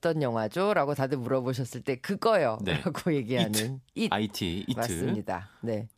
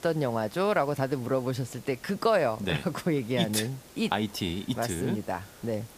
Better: first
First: none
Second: hiss; faint; throughout; 20 dB below the speech

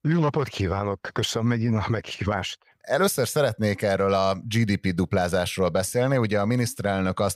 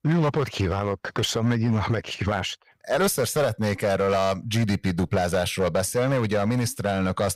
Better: first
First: none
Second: distortion; slight; 9% of the sound clipped

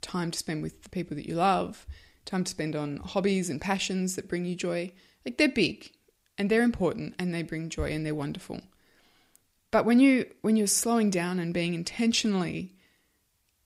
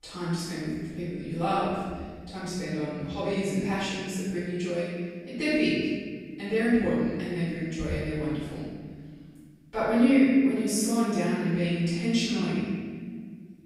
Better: first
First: none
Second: off-mic speech; far // room echo; strong; dies away in 1.7 s

